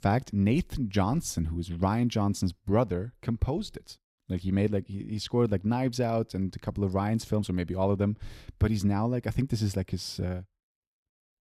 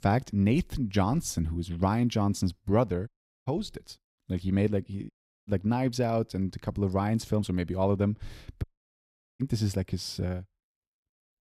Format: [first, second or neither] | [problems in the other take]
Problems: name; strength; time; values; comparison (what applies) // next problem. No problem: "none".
first | audio cutting out; at 3 s, at 5 s and at 8.5 s for 1 s